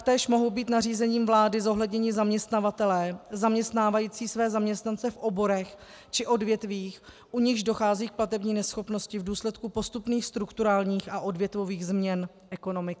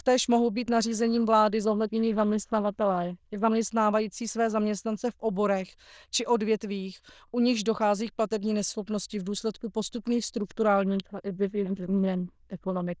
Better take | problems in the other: first | noise reduction (neural diffusion model UNIVERSE++)

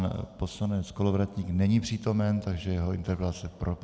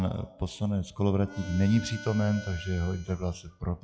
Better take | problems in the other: first | noise reduction (classical method log-MMSE)

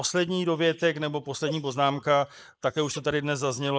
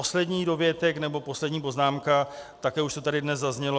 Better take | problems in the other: second | noise reduction (neural mask model Resemble Enhance denoiser)

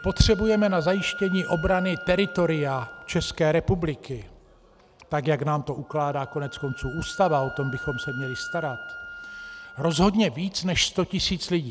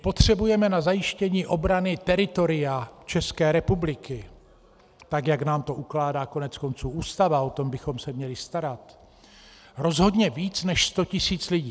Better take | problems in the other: second | background sound (Wind instrument, woodwind instrument); 14 dB below the speech

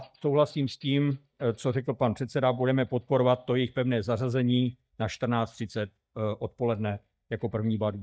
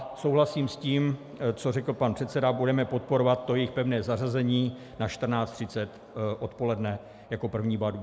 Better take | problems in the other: second | noise reduction (neural mask model DeepFilterNet 3)

